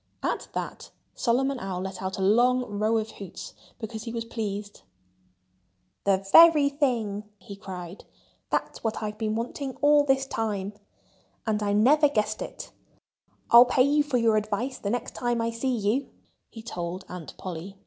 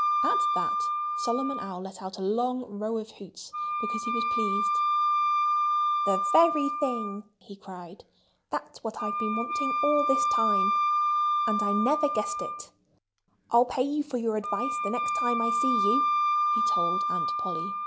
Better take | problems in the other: first | background sound (Wind instrument, woodwind instrument); 3 dB above the speech

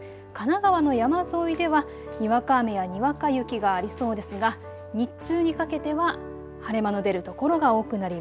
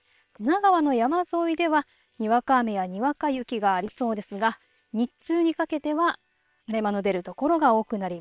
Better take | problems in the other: first | noise reduction (neural separator model SepFormer WHAM!)

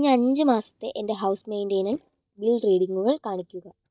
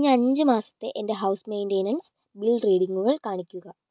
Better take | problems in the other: second | noise reduction (neural mask model DeepFilterNet 3)

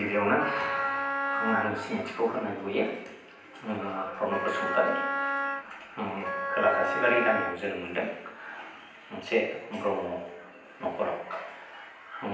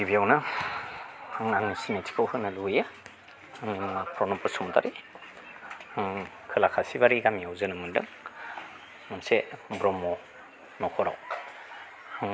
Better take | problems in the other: second | background sound (Wind instrument, woodwind instrument); 1 dB below the speech // room echo; dies away in 0.9 s

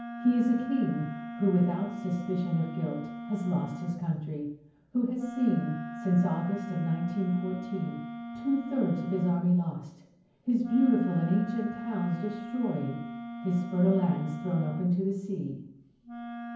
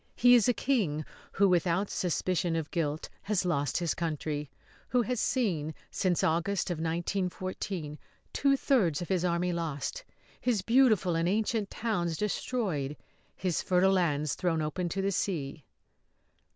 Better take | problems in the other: second | background sound (Wind instrument, woodwind instrument); 11 dB below the speech // room echo; dies away in 0.9 s

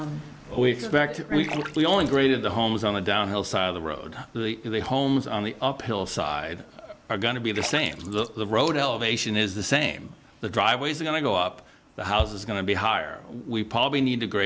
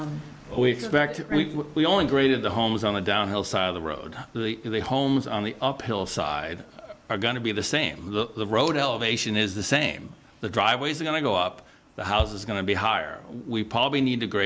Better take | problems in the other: second | background sound (Splash, splatter); 15 dB below the speech

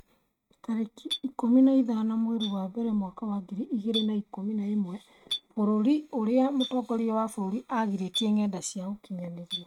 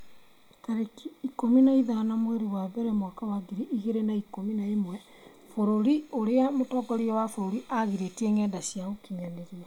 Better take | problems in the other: second | noise reduction (neural mask model RNNoise)

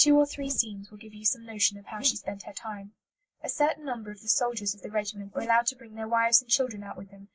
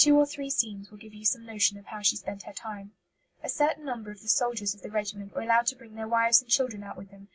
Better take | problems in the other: second | noise reduction (neural mask model Resemble Enhance denoiser)

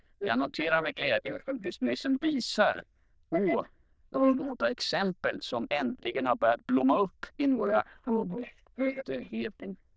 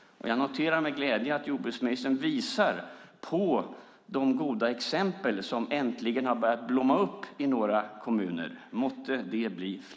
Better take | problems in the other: second | noise reduction (neural diffusion model UNIVERSE++)

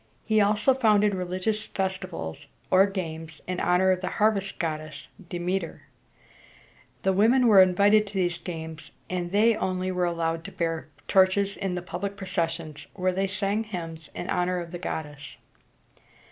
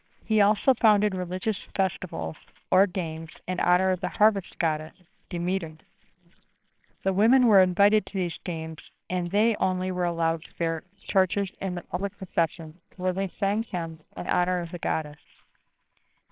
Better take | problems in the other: first | noise reduction (neural separator model SepFormer WHAMR!)

